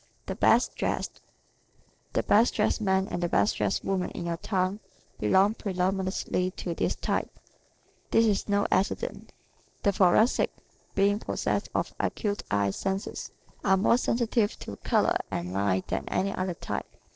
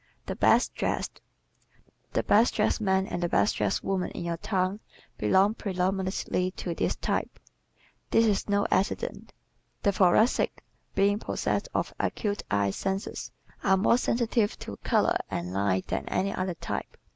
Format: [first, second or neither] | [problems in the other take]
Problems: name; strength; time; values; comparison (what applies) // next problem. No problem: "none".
second | noise reduction (neural separator model SepFormer DNS4)